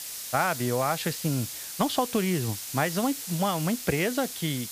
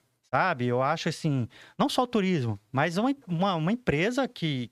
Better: second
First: hiss; loud; throughout; 6 dB below the speech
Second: none

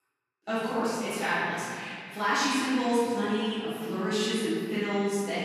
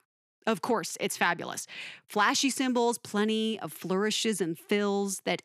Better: second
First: room echo; strong; dies away in 2.3 s // off-mic speech; far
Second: none

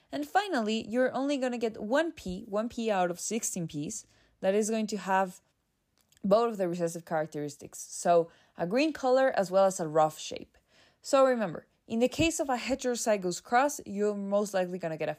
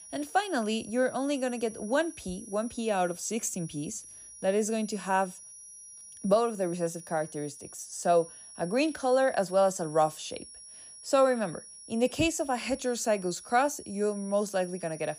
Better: first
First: none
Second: high-pitched whine; noticeable; throughout; 10.5 kHz, 15 dB below the speech

